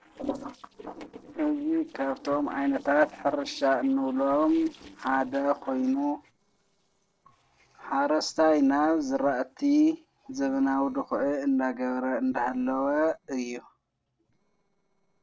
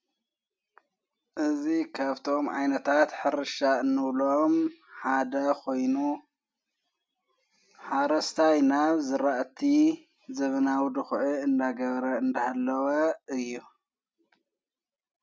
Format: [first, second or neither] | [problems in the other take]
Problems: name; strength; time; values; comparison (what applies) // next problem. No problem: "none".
second | noise reduction (neural separator model SepFormer DNS4)